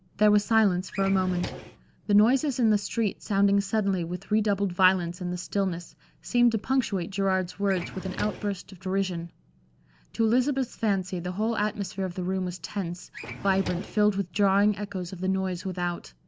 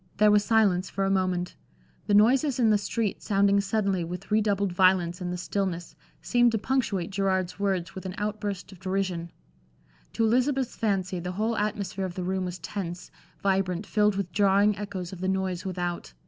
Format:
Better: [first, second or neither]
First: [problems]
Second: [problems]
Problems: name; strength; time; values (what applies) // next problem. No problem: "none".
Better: second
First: background sound (Drawer open or close); 12 dB below the speech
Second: none